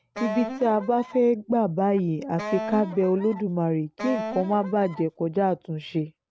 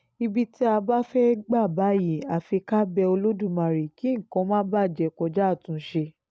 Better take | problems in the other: second | background sound (Wind instrument, woodwind instrument); 10 dB below the speech

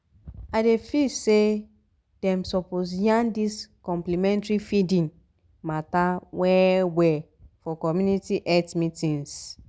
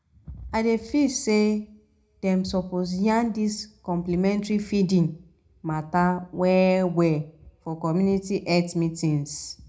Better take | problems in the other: first | room echo; dies away in 0.2 s

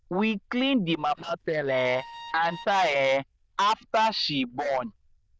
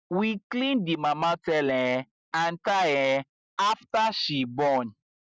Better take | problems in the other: second | noise reduction (neural diffusion model UNIVERSE++)

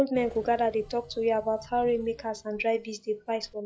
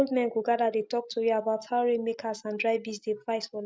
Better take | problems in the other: second | noise reduction (classical method log-MMSE)

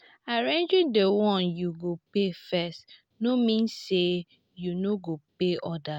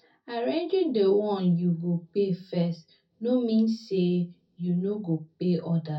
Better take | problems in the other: first | room echo; dies away in 0.3 s

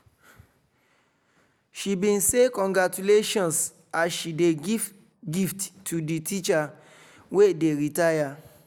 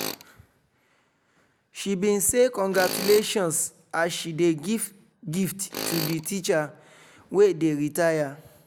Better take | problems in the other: first | background sound (Tools); 13 dB below the speech

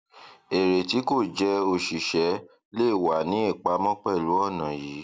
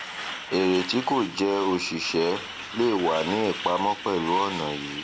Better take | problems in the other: first | background sound (Truck); 10 dB below the speech

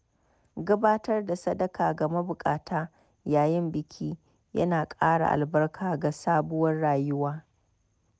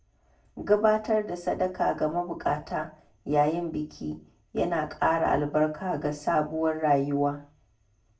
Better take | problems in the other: first | room echo; dies away in 0.3 s

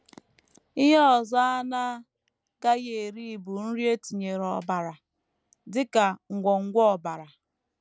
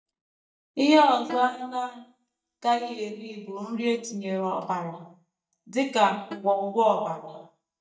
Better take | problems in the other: first | noise reduction (neural mask model DeepFilterNet 3)

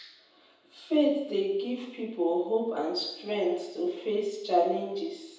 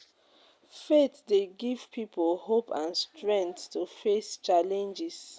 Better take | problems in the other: second | room echo; dies away in 0.9 s

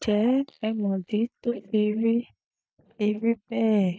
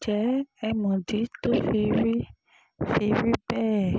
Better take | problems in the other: second | noise reduction (neural mask model DeepFilterNet 3)

